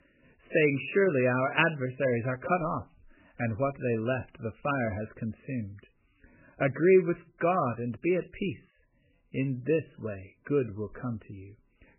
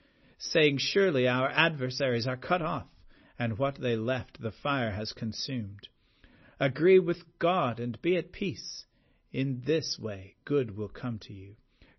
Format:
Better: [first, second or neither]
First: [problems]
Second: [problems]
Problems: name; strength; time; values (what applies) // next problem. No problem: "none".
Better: second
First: garbled, watery; badly; nothing above 3 kHz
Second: garbled, watery; slightly; nothing above 6 kHz